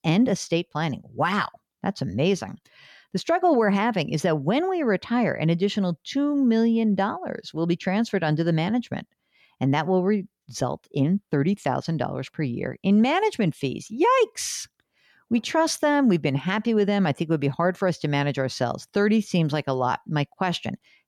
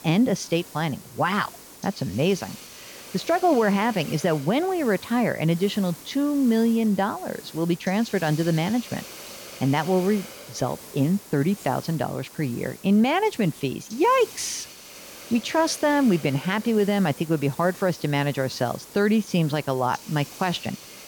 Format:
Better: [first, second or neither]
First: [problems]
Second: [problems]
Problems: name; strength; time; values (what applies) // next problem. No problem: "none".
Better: first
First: none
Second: hiss; noticeable; throughout; 15 dB below the speech